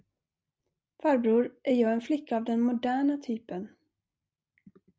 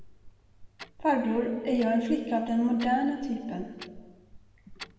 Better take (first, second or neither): first